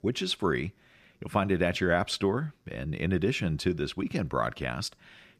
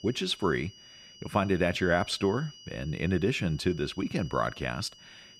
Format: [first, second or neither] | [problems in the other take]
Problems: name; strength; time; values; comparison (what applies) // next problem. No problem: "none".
first | high-pitched whine; faint; throughout; 3 kHz, 20 dB below the speech